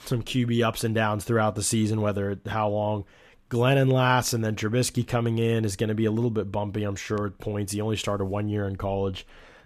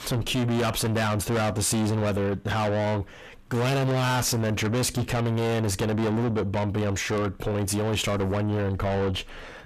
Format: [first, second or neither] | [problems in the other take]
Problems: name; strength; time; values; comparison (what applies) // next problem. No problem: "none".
first | distortion; heavy; 6 dB below the speech